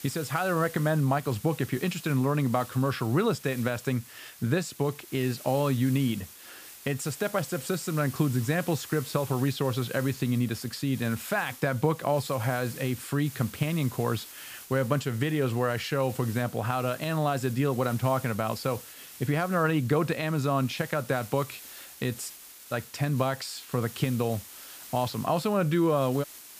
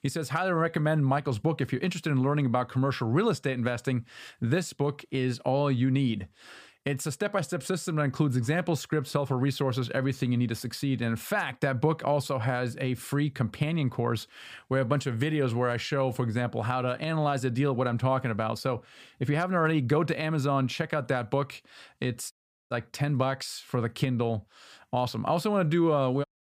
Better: second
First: hiss; noticeable; throughout; 15 dB below the speech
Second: none

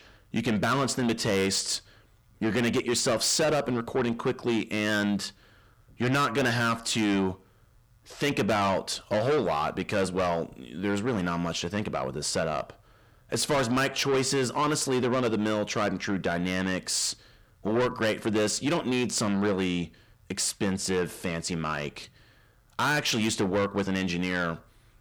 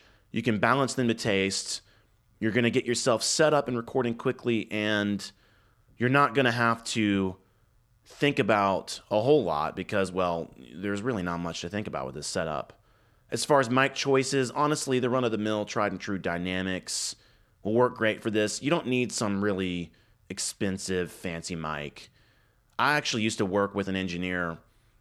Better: second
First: distortion; heavy; 6 dB below the speech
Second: none

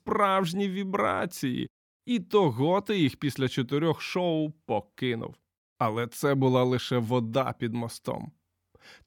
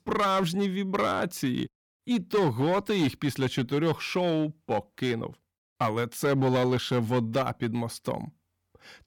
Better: first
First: none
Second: distortion; slight; 7% of the sound clipped

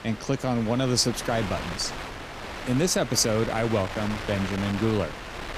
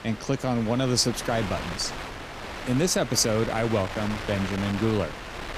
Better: neither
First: wind noise on the microphone; heavy; 7 dB below the speech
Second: wind noise on the microphone; heavy; 7 dB below the speech

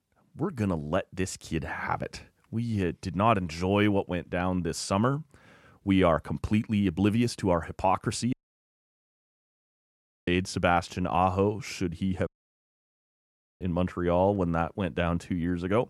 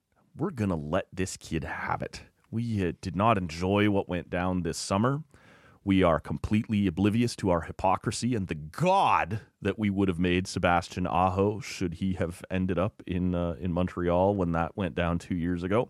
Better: second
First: audio cutting out; at 8.5 s for 2 s and at 12 s for 1.5 s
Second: none

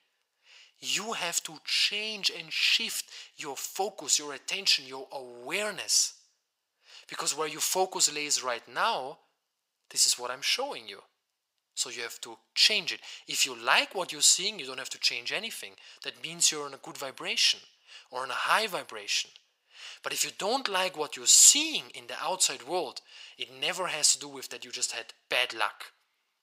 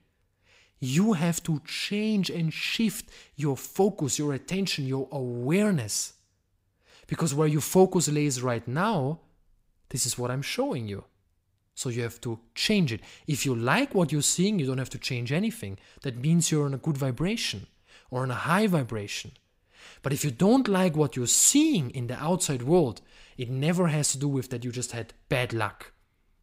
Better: second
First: thin; very; fading below 800 Hz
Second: none

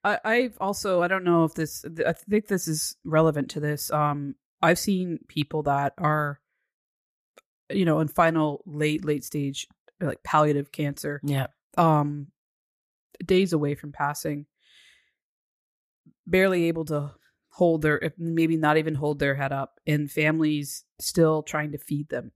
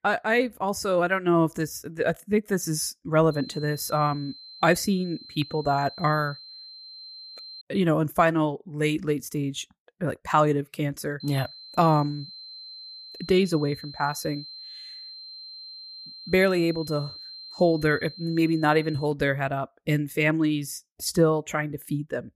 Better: first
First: none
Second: high-pitched whine; noticeable; from 3.5 to 7.5 s and from 11 to 19 s; 4 kHz, 15 dB below the speech

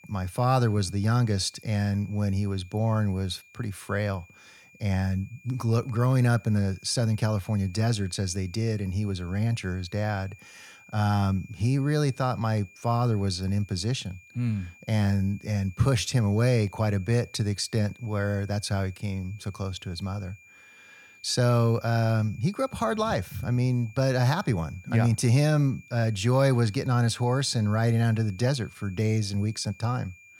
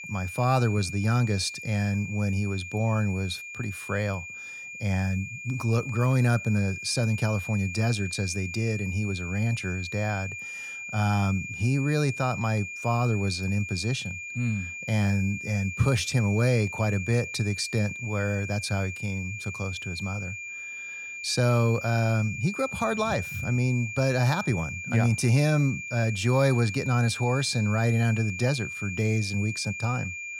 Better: first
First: high-pitched whine; faint; throughout; 2.5 kHz, 25 dB below the speech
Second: high-pitched whine; loud; throughout; 2.5 kHz, 8 dB below the speech

